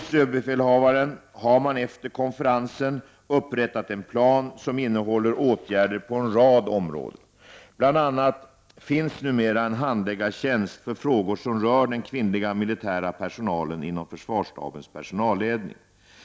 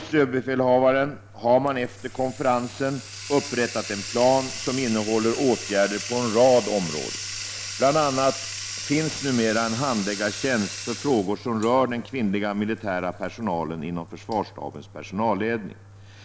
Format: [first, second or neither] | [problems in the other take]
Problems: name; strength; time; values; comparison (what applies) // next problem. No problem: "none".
first | background sound (Bathtub (filling or washing)); 12 dB below the speech